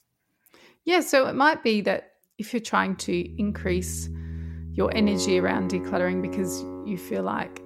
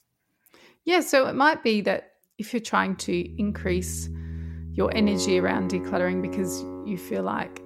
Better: neither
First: background music; loud; from 3.5 s on; 8 dB below the speech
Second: background music; loud; from 3.5 s on; 8 dB below the speech

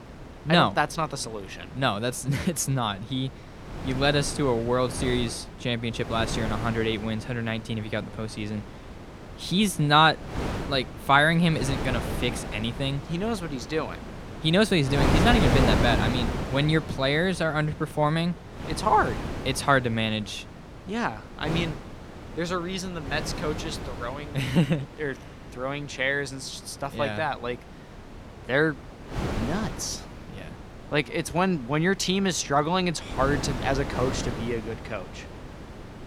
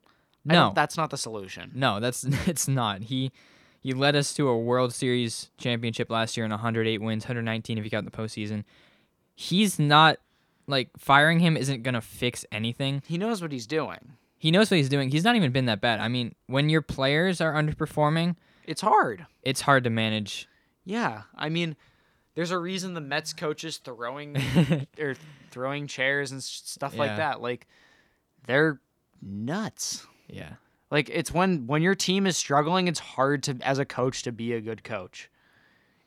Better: second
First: wind noise on the microphone; heavy; 10 dB below the speech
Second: none

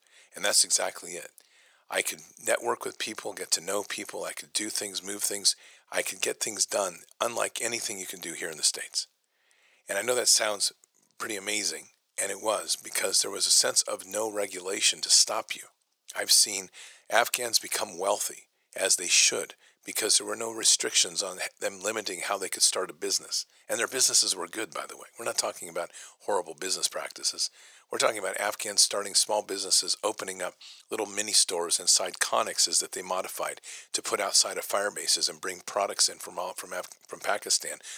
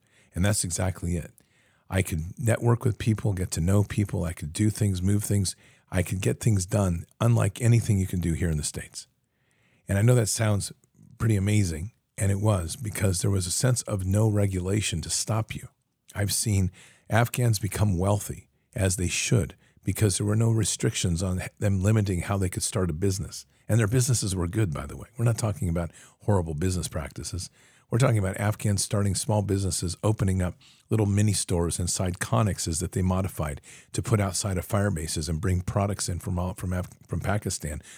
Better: second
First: thin; very; fading below 500 Hz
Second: none

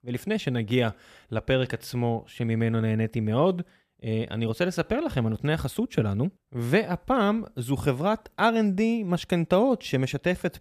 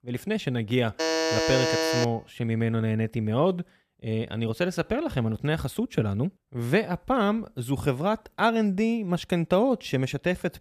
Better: first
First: none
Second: alarm; loud; from 1 to 2 s; peak 2 dB above the speech

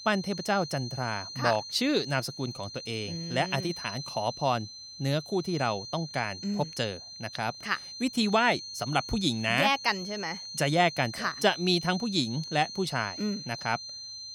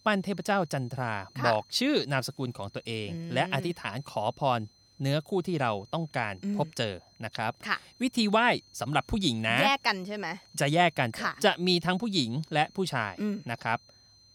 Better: second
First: high-pitched whine; loud; throughout; 4 kHz, 10 dB below the speech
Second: high-pitched whine; faint; throughout; 4 kHz, 30 dB below the speech

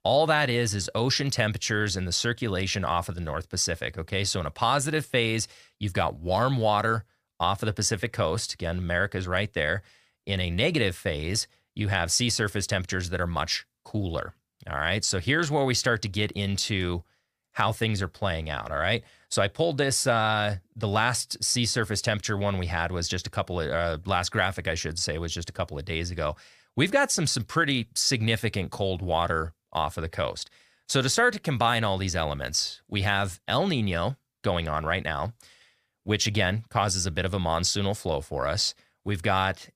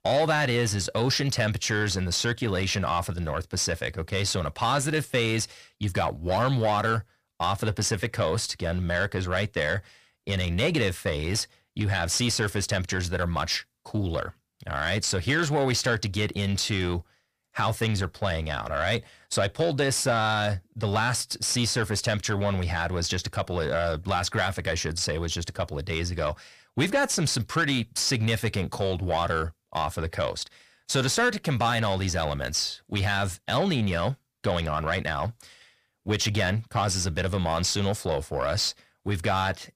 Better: first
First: none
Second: distortion; slight; 10 dB below the speech

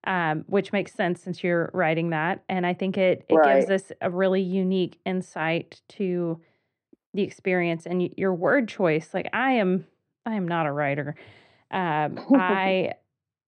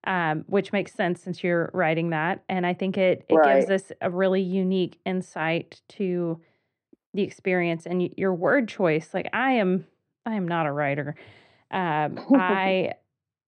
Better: neither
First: muffled; slightly; fading above 2.5 kHz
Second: muffled; slightly; fading above 2.5 kHz

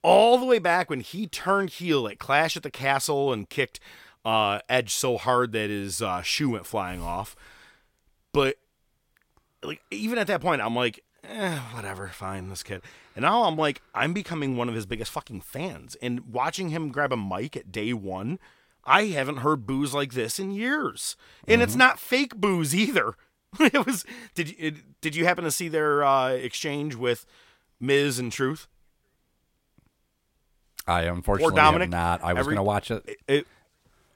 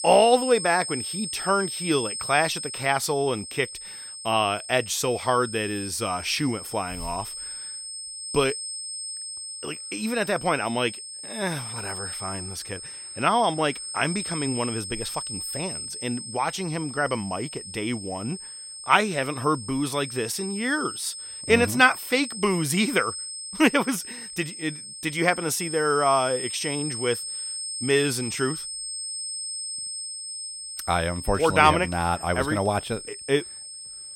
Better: first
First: none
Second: high-pitched whine; loud; throughout; 8.5 kHz, 7 dB below the speech

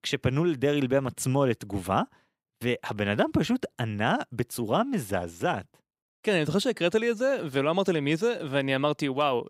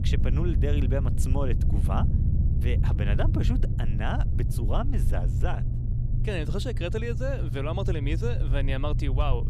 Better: first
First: none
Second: low rumble; loud; throughout; 7 dB below the speech

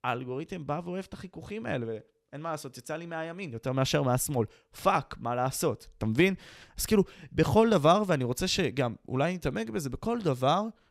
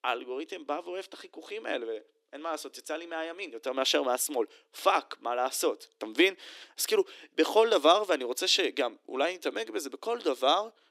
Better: first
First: none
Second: thin; somewhat; fading below 300 Hz

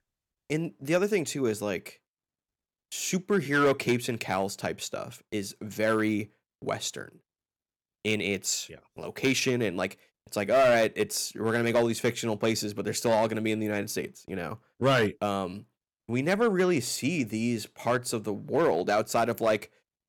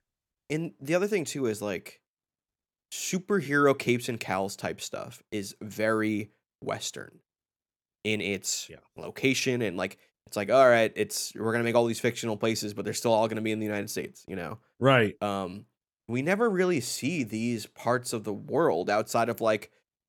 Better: second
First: distortion; slight; 2% of the sound clipped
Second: none

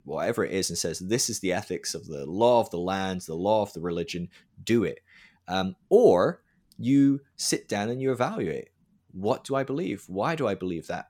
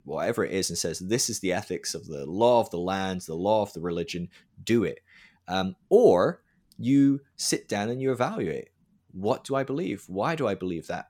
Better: neither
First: none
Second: none

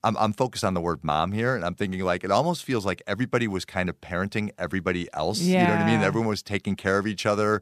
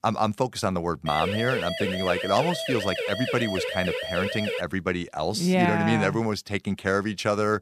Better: first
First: none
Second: siren; noticeable; from 1 to 4.5 s; peak 3 dB below the speech

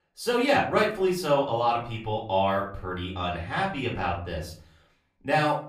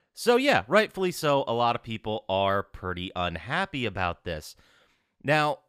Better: second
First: off-mic speech; far // room echo; slight; dies away in 0.4 s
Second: none

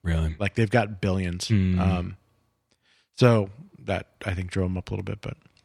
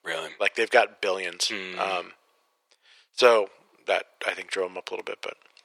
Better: first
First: none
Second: thin; very; fading below 450 Hz

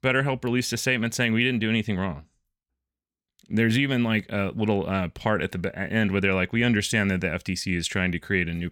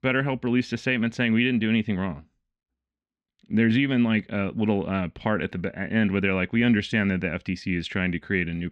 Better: first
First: none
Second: muffled; slightly; fading above 3 kHz

